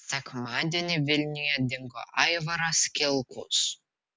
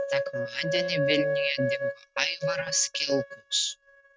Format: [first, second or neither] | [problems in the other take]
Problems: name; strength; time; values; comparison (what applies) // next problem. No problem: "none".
first | noise reduction (neural mask model RNNoise)